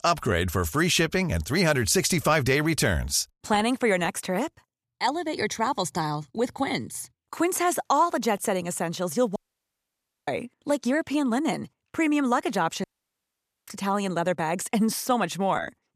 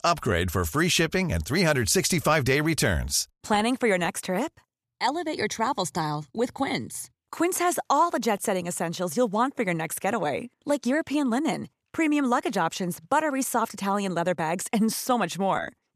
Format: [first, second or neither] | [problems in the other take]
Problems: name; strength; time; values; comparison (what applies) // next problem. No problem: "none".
second | audio cutting out; at 9.5 s for 1 s and at 13 s for 1 s